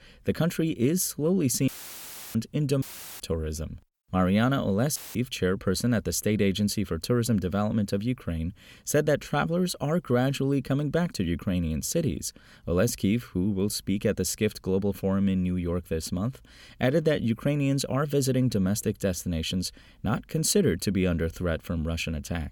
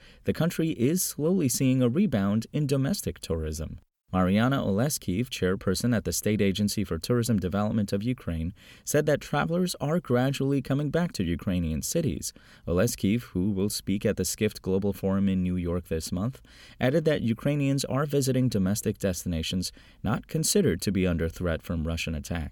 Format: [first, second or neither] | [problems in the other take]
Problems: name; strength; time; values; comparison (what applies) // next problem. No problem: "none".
second | audio cutting out; filled with static; at 1.5 s for 0.5 s, at 3 s and at 5 s